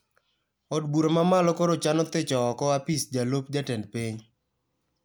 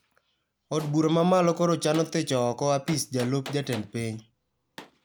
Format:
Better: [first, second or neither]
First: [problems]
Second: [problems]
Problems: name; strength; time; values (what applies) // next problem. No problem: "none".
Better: first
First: none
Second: background sound (Gunshot, gunfire); 19 dB below the speech